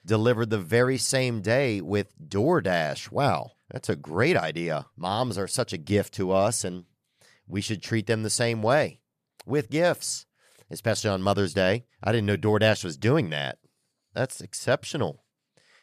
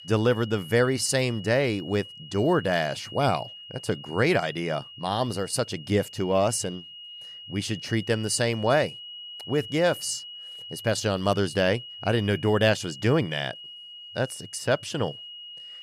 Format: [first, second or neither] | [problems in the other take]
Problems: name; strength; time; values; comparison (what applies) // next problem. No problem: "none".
first | high-pitched whine; noticeable; throughout; 3 kHz, 15 dB below the speech